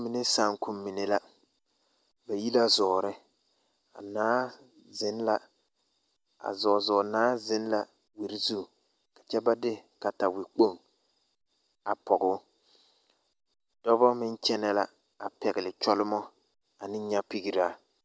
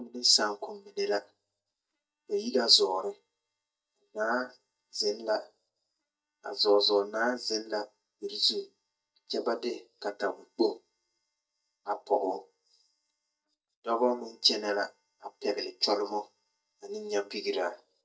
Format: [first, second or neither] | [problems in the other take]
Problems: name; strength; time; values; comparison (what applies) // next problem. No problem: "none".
first | noise reduction (neural mask model DeepFilterNet 3)